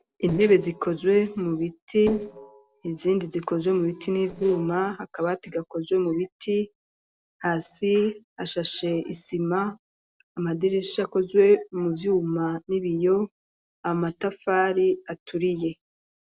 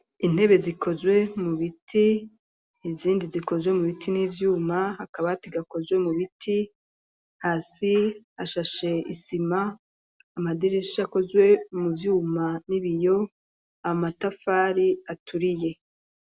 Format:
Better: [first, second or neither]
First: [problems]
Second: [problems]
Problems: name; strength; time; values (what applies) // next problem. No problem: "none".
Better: second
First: noise reduction (neural separator model SepFormer DNS4)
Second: none